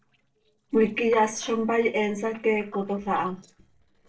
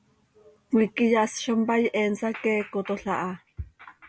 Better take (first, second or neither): second